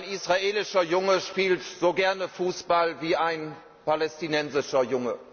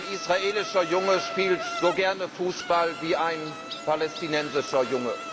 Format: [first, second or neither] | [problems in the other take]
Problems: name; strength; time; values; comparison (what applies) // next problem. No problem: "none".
first | background sound (Insect); 9 dB below the speech